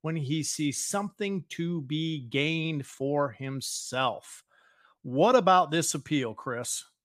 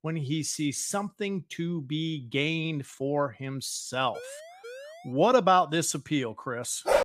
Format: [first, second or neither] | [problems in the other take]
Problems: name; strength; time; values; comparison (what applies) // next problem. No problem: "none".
first | siren; faint; at 4 s; peak 15 dB below the speech // dog barking; loud; at 6.5 s; peak 2 dB above the speech